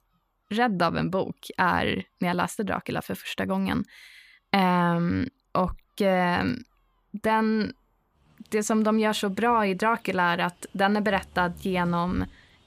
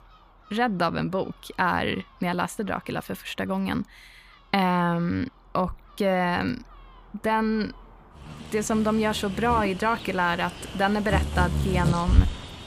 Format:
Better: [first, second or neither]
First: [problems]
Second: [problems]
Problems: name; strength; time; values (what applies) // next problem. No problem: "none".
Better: first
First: animal sounds; faint; throughout; 25 dB below the speech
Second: animal sounds; loud; throughout; 3 dB below the speech